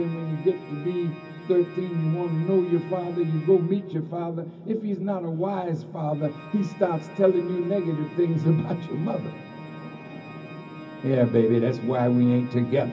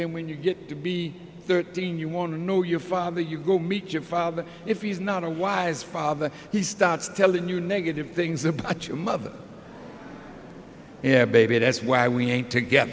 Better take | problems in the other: second | background sound (Organ); 18 dB below the speech // room echo; dies away in 0.4 s

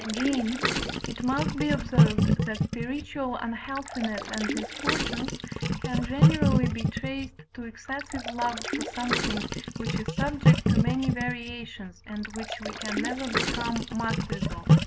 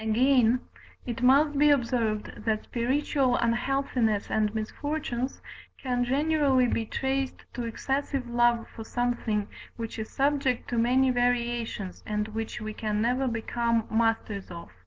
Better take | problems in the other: second | background sound (Gurgling); 5 dB above the speech

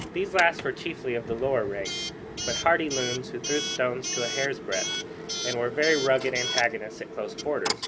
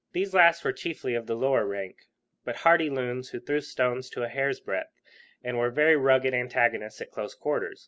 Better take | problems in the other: second | background sound (Coin (dropping) / Alarm); 5 dB below the speech

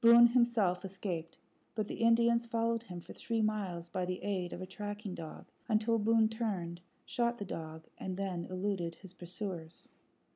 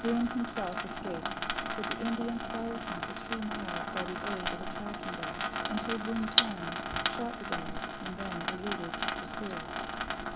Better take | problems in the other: first | background sound (Sink (filling or washing) / Water tap, faucet); 3 dB above the speech

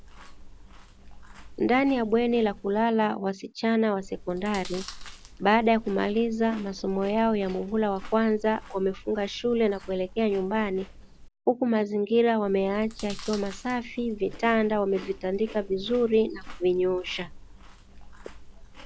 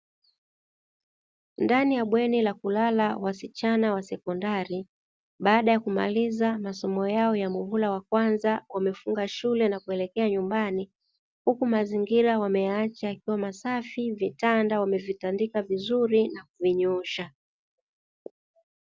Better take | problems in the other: second | background sound (Chewing, mastication); 16 dB below the speech

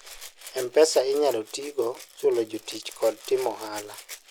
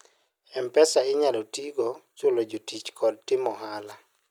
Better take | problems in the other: second | background sound (Rattle (instrument)); 18 dB below the speech

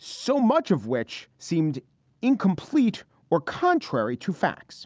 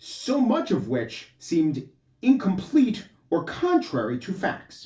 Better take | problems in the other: first | room echo; dies away in 0.3 s

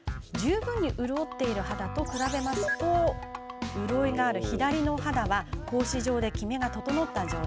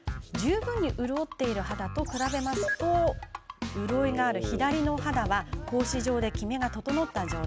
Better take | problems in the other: second | background sound (Wind instrument, woodwind instrument); 16 dB below the speech

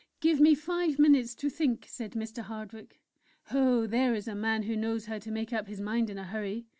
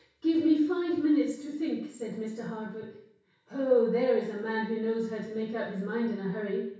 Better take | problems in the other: first | room echo; dies away in 0.6 s

